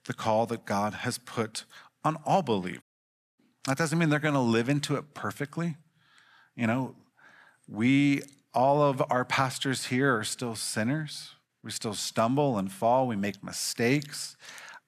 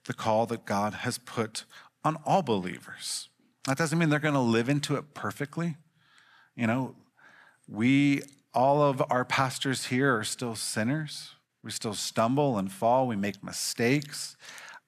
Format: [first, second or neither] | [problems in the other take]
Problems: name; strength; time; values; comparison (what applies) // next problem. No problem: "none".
second | audio cutting out; at 3 s for 0.5 s